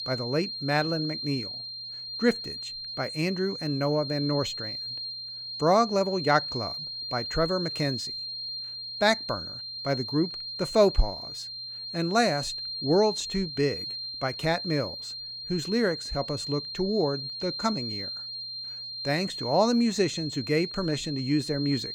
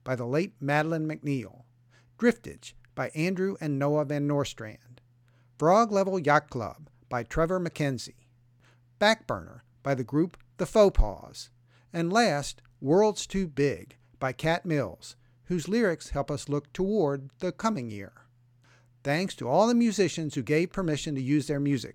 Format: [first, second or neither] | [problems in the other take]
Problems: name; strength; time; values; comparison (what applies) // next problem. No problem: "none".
second | high-pitched whine; loud; throughout; 4 kHz, 6 dB below the speech